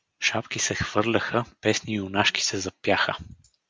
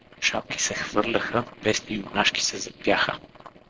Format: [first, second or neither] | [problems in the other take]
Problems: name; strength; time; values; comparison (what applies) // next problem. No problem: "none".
first | noise reduction (neural separator model SepFormer DNS4)